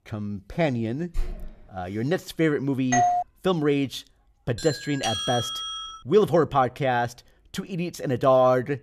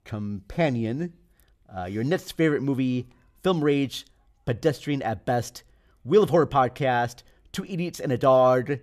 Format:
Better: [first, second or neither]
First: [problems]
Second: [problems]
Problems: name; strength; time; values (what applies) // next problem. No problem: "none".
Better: second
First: door banging; faint; at 1 s; peak 10 dB below the speech // doorbell; loud; at 3 s; peak 3 dB above the speech // doorbell; noticeable; from 4.5 to 6 s; peak 2 dB below the speech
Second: none